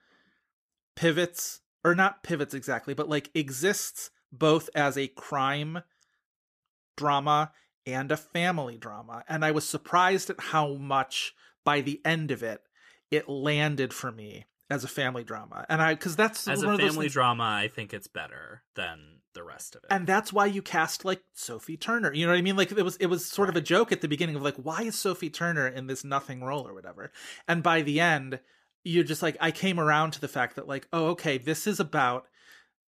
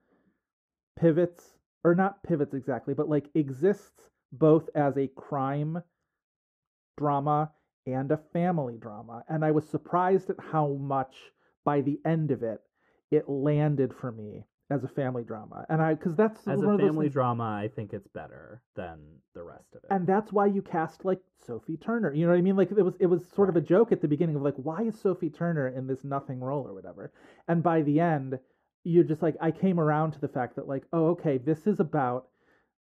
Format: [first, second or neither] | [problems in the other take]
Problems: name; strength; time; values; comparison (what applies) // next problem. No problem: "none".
first | muffled; very; fading above 1.5 kHz